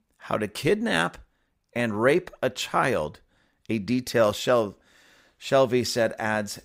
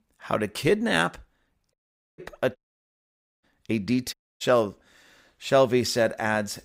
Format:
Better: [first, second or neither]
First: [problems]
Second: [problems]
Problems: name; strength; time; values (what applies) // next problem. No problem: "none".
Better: first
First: none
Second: audio cutting out; at 1.5 s, at 2.5 s for 1 s and at 4 s